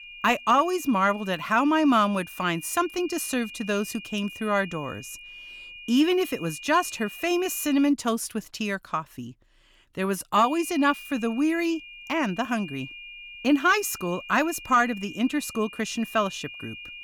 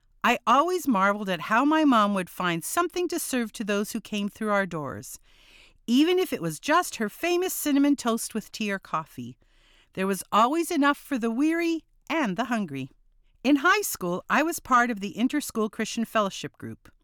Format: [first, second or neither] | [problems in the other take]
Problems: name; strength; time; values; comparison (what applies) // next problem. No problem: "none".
second | high-pitched whine; noticeable; until 8 s and from 10 s on; 2.5 kHz, 15 dB below the speech